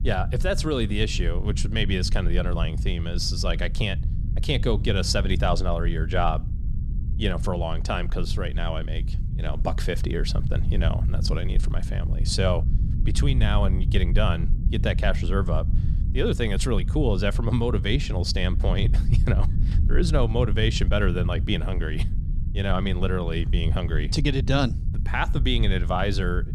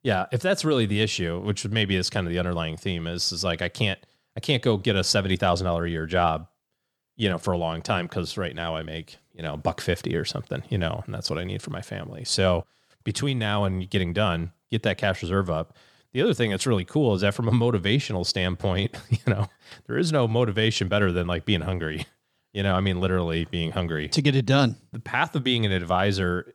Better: second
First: low rumble; noticeable; throughout; 15 dB below the speech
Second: none

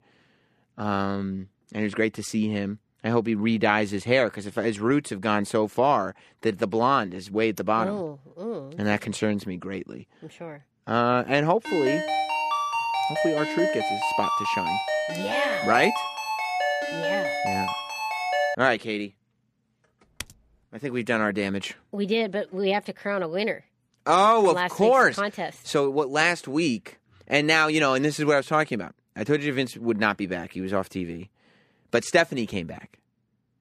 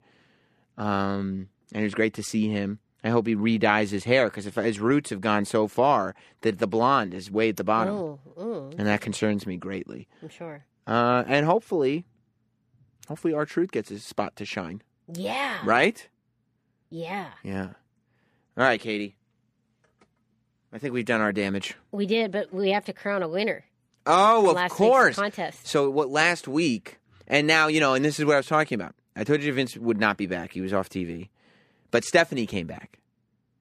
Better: second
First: phone ringing; noticeable; from 12 to 19 s; peak level with the speech // keyboard typing; very faint; at 20 s; peak 15 dB below the speech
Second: none

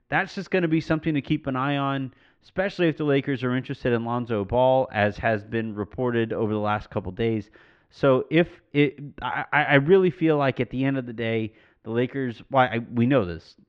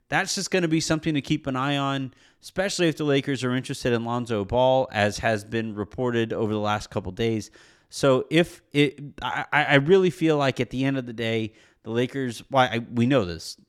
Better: second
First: muffled; very; fading above 2.5 kHz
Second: none

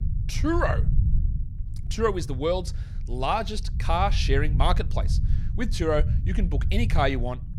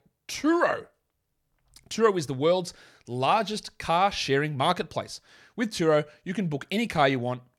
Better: second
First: low rumble; noticeable; throughout; 15 dB below the speech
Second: none

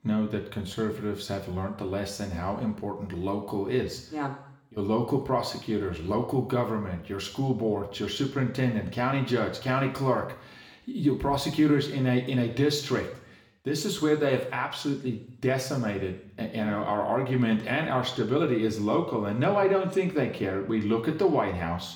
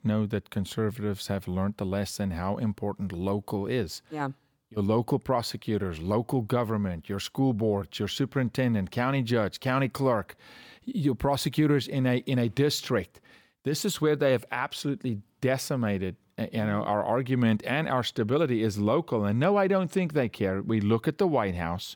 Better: second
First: room echo; slight; dies away in 0.7 s // off-mic speech; somewhat distant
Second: none

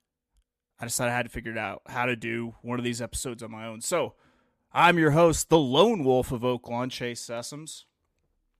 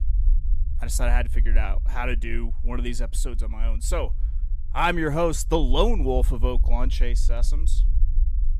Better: first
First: none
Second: low rumble; faint; throughout; 20 dB below the speech

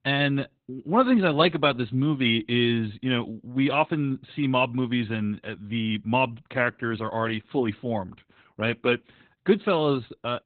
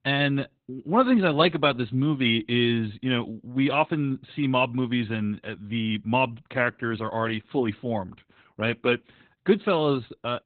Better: neither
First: garbled, watery; badly; nothing above 3.5 kHz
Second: garbled, watery; badly; nothing above 3.5 kHz

